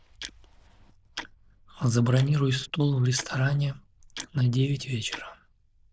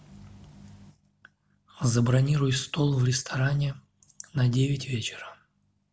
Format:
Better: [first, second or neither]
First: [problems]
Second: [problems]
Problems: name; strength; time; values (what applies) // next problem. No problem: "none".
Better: second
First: noise reduction (neural diffusion model UNIVERSE++)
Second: none